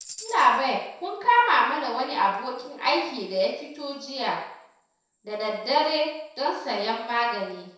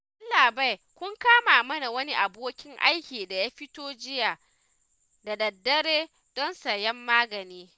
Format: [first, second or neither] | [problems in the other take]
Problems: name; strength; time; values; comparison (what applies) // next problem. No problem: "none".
second | noise reduction (neural separator model SepFormer DNS4)